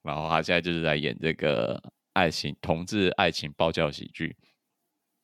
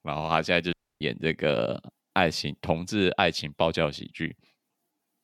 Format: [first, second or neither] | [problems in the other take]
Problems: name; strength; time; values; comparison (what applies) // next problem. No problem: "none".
first | audio cutting out; at 0.5 s